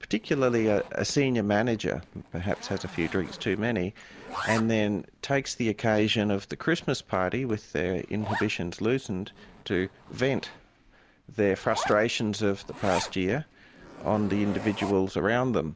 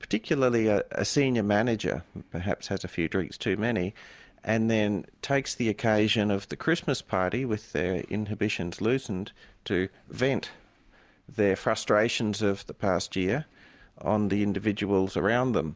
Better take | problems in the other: second | background sound (Zipper (clothing)); 14 dB below the speech

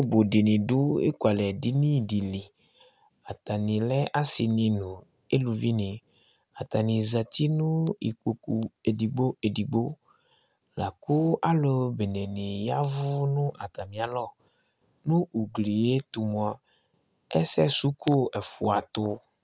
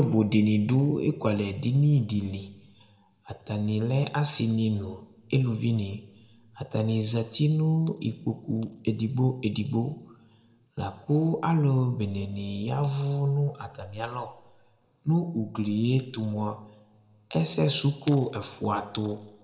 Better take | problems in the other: first | room echo; dies away in 0.8 s

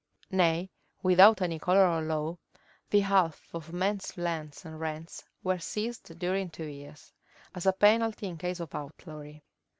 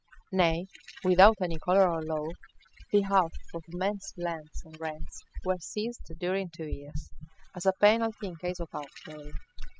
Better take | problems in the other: first | noise reduction (classical method spectral subtraction)

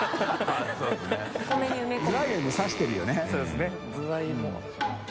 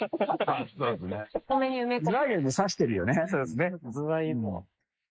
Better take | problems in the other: first | noise reduction (neural mask model Resemble Enhance denoiser)

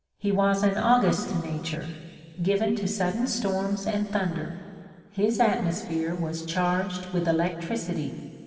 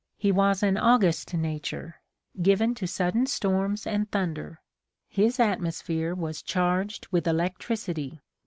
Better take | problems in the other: second | room echo; dies away in 2.4 s

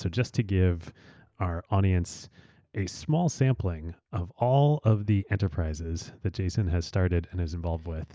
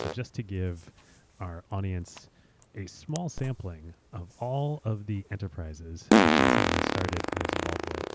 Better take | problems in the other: first | background sound (Fart); 5 dB above the speech

